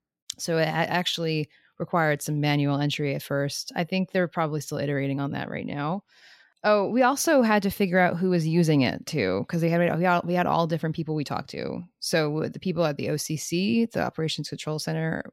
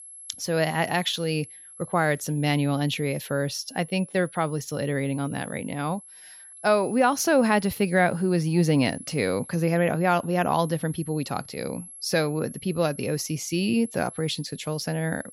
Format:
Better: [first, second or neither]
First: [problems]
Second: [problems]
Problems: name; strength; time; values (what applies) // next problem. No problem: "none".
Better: first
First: none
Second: high-pitched whine; noticeable; throughout; 11 kHz, 15 dB below the speech